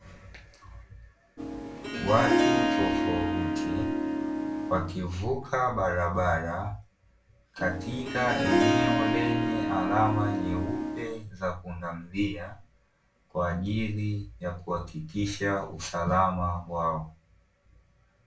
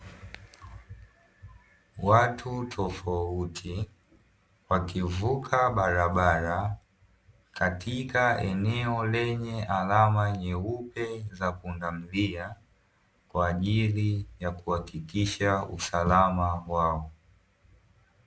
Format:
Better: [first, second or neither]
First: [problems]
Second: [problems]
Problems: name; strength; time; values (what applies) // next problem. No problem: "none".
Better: second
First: background sound (Harp); 3 dB above the speech // room echo; dies away in 0.2 s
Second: none